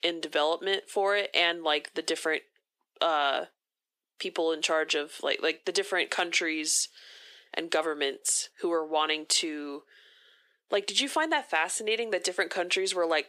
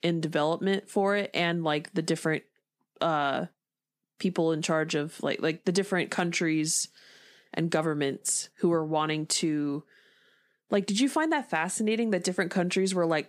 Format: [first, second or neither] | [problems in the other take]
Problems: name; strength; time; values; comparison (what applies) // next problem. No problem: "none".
second | thin; very; fading below 400 Hz